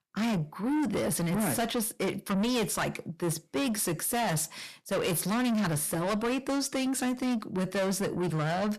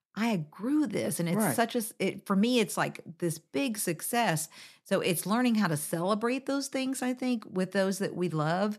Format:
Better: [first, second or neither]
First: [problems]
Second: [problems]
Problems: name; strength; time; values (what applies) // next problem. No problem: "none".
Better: second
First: distortion; heavy; 7 dB below the speech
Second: none